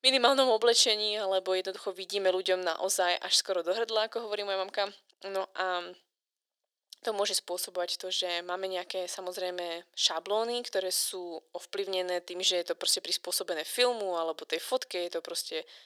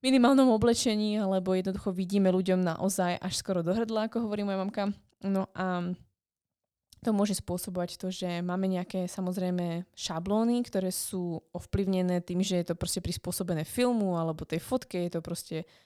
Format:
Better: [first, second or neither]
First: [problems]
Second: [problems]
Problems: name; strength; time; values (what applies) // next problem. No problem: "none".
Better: second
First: thin; very; fading below 400 Hz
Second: none